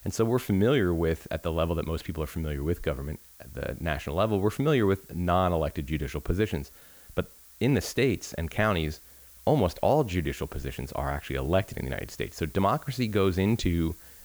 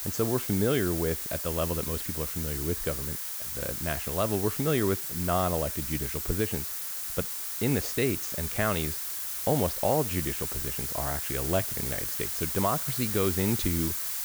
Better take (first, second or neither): first